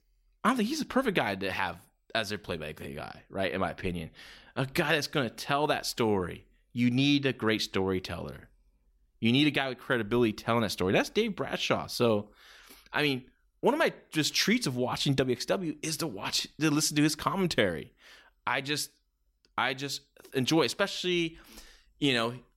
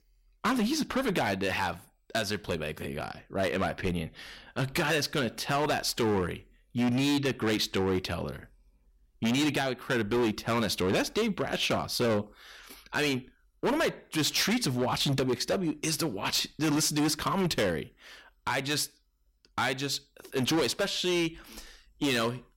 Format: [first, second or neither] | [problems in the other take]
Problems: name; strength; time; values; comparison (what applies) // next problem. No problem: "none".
first | distortion; heavy; 12% of the sound clipped